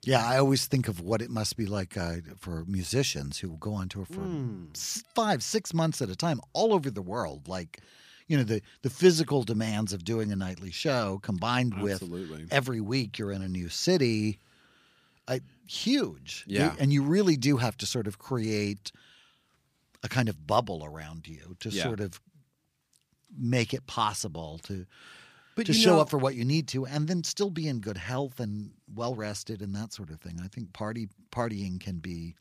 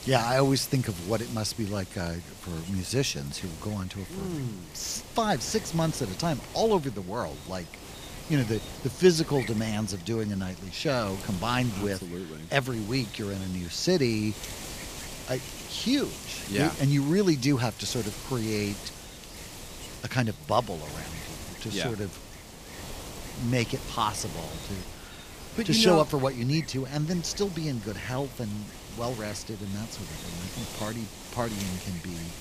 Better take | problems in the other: first | wind noise on the microphone; occasional gusts; 10 dB below the speech

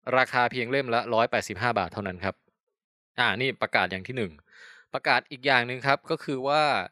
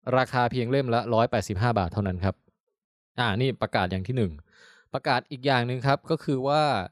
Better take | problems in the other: second | thin; somewhat; fading below 700 Hz

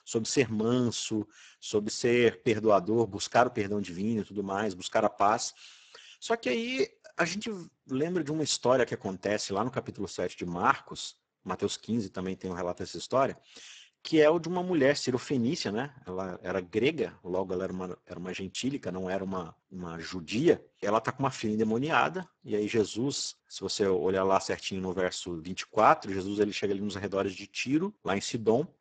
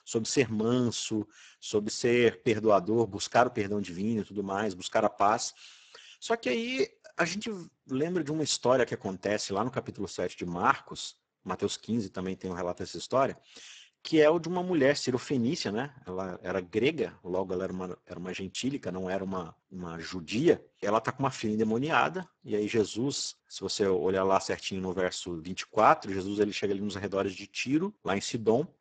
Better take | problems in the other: neither | garbled, watery; badly; nothing above 8 kHz; the same in both

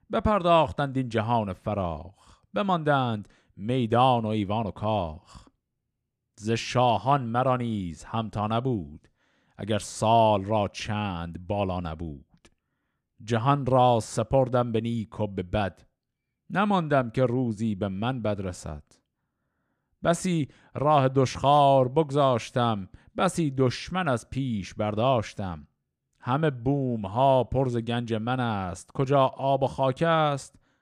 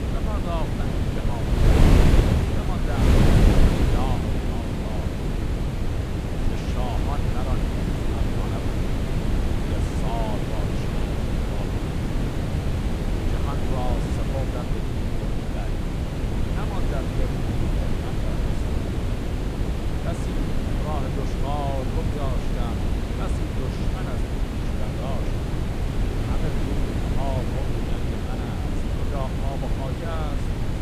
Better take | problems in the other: first | wind noise on the microphone; heavy; 4 dB above the speech

